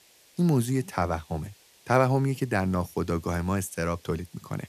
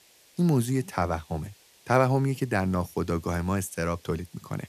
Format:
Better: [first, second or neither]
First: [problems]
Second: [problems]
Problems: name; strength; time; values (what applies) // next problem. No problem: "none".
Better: neither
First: hiss; faint; throughout; 30 dB below the speech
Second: hiss; faint; throughout; 30 dB below the speech